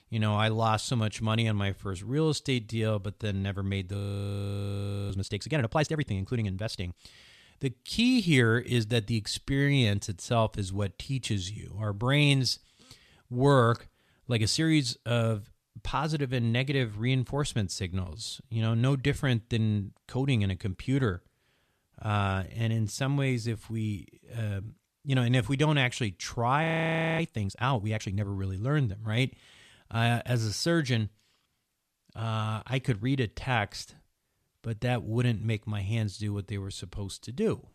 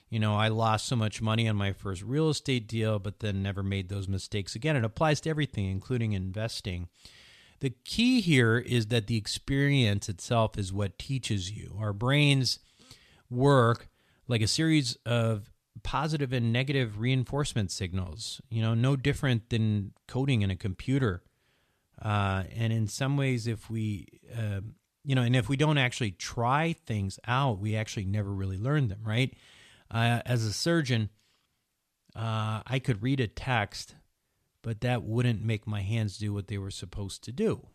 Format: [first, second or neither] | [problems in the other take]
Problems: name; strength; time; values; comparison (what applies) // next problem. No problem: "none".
second | audio freezing; at 4 s for 1 s and at 27 s for 0.5 s